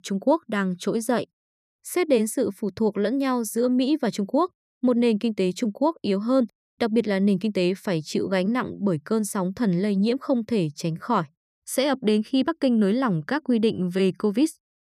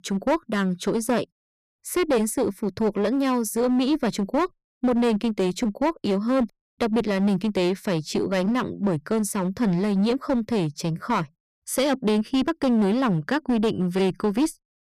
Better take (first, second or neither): first